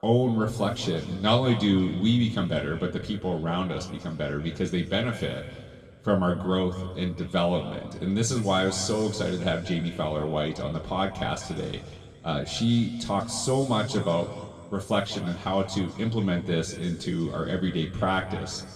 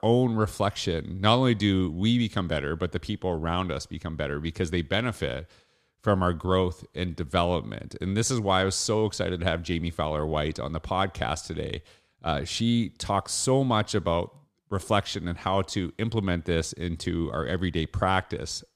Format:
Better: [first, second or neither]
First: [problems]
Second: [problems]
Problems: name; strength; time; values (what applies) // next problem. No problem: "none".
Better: second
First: room echo; noticeable; dies away in 1.8 s // off-mic speech; far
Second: none